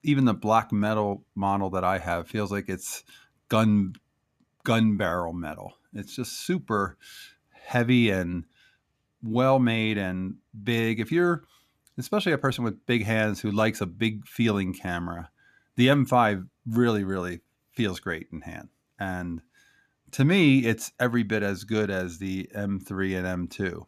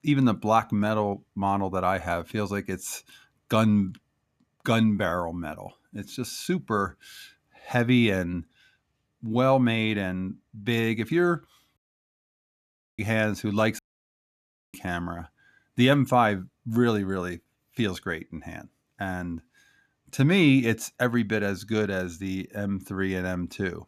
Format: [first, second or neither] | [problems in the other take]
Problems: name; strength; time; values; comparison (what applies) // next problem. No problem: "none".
first | audio cutting out; at 12 s for 1 s and at 14 s for 1 s